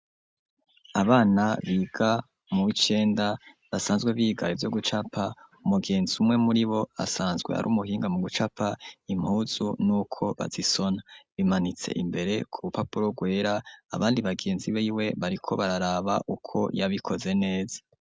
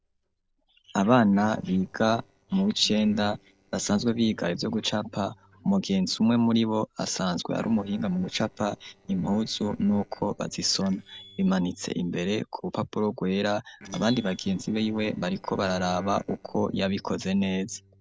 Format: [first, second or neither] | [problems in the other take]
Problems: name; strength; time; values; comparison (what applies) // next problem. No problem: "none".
first | noise reduction (neural separator model SepFormer DNS4)